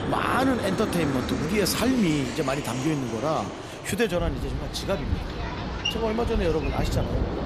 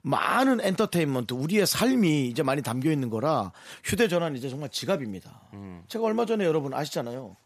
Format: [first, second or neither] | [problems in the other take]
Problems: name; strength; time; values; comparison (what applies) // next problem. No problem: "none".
second | train or aircraft noise; loud; throughout; 4 dB below the speech